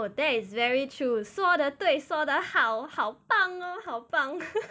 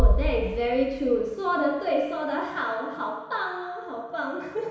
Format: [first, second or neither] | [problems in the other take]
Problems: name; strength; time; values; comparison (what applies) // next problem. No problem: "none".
first | background sound (Bass drum); 2 dB below the speech // room echo; dies away in 1 s